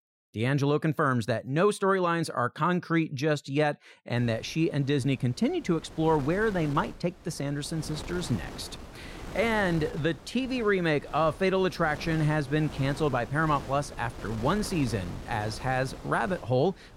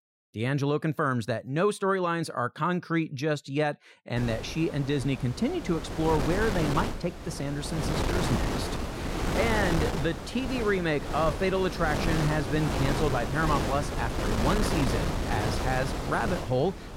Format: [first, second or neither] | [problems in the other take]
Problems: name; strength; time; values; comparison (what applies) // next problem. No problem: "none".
first | wind noise on the microphone; heavy; from 4 s on; 3 dB below the speech; occasional gusts in the first